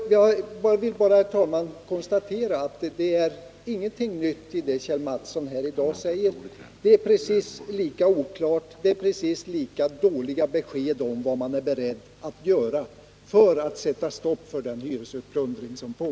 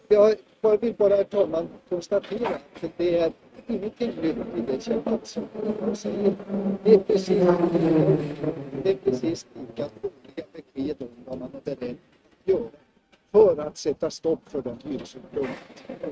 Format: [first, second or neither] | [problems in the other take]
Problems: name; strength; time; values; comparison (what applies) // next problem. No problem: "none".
first | noise reduction (neural mask model RNNoise)